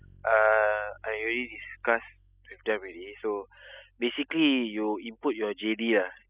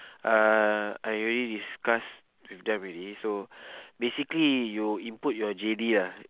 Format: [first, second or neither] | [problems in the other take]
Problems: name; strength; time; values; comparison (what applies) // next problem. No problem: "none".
second | noise reduction (classical method spectral subtraction)